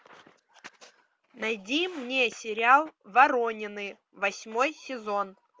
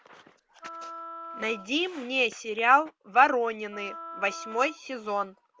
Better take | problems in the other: first | background sound (Wind instrument, woodwind instrument); 15 dB below the speech

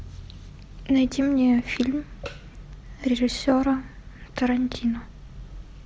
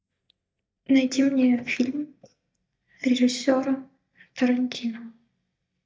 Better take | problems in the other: first | noise reduction (neural mask model DeepFilterNet 3)

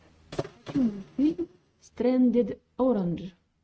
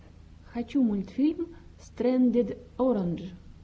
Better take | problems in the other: second | noise reduction (neural mask model RNNoise)

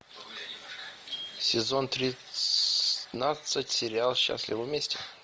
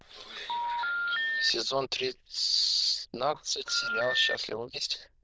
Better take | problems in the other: first | noise reduction (neural diffusion model UNIVERSE++)

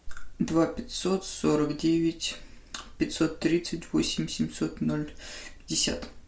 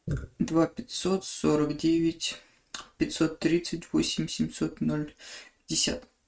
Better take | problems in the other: first | noise reduction (neural mask model RNNoise)

